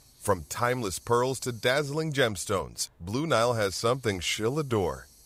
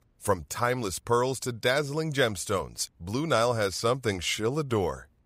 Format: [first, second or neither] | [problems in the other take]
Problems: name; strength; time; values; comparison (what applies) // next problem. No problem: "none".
second | hiss; faint; throughout; 25 dB below the speech